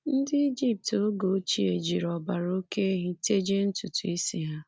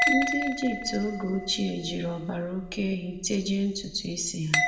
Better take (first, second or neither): first